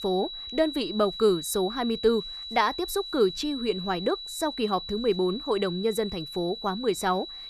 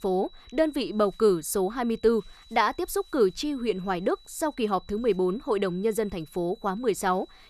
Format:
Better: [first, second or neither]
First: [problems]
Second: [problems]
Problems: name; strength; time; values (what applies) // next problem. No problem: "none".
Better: second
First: high-pitched whine; loud; throughout; 4 kHz, 9 dB below the speech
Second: high-pitched whine; faint; throughout; 4 kHz, 25 dB below the speech